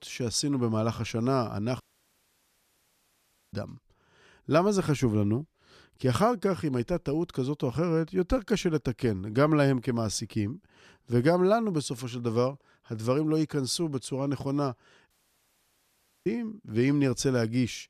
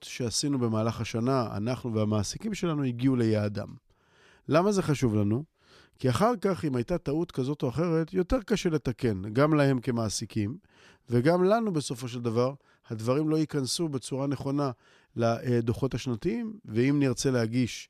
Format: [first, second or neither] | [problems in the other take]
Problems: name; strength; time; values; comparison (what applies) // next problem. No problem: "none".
second | audio cutting out; at 2 s for 1.5 s and at 15 s for 1 s